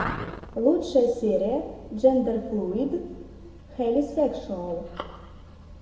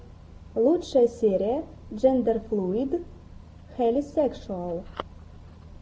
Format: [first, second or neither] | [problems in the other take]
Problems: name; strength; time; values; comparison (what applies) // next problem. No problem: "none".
second | room echo; dies away in 1.1 s